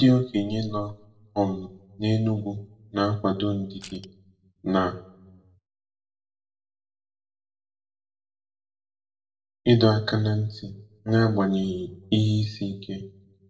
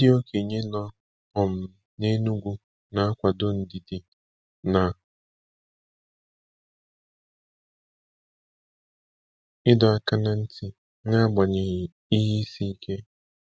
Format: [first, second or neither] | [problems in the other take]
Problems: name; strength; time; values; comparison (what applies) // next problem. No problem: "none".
second | noise reduction (neural separator model SepFormer DNS4)